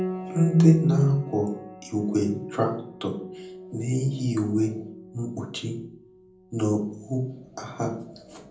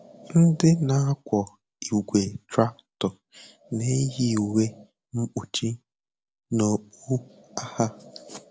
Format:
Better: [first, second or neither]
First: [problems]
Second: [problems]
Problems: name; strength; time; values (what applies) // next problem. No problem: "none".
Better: second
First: background sound (Piano); 14 dB below the speech // room echo; dies away in 0.6 s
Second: none